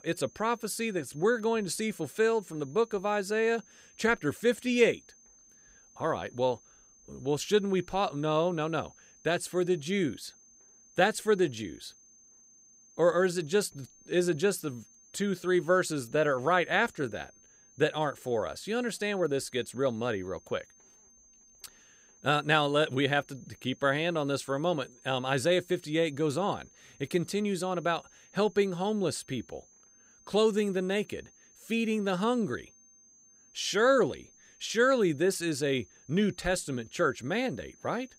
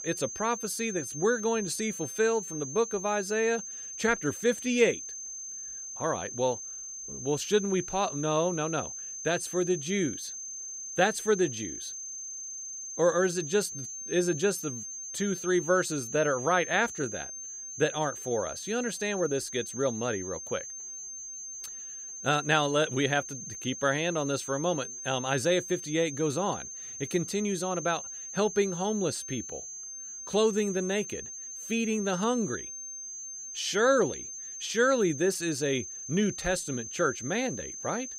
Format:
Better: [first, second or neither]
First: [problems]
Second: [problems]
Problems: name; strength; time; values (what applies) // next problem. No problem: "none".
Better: first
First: high-pitched whine; faint; throughout; 6.5 kHz, 25 dB below the speech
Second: high-pitched whine; loud; throughout; 6.5 kHz, 8 dB below the speech